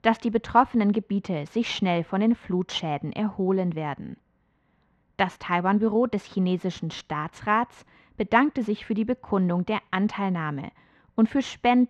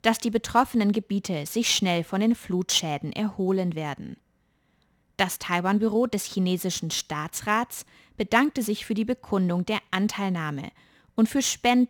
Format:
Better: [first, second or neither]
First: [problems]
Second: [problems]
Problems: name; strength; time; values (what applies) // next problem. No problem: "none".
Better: second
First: muffled; very; fading above 2.5 kHz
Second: none